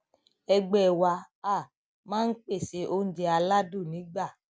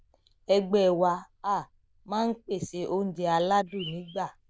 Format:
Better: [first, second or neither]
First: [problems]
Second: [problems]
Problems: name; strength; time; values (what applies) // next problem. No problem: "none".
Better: first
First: none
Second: noise reduction (neural diffusion model UNIVERSE++)